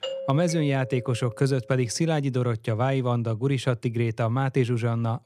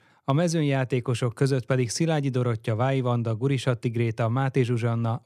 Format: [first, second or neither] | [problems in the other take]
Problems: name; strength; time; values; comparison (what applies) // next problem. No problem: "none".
second | doorbell; noticeable; until 1.5 s; peak 7 dB below the speech